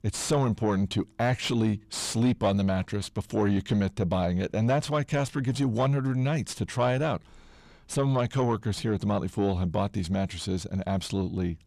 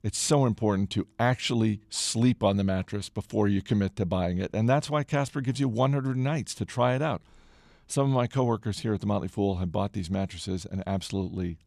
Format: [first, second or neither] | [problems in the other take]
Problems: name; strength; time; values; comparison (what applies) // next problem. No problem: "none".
second | distortion; slight; 10 dB below the speech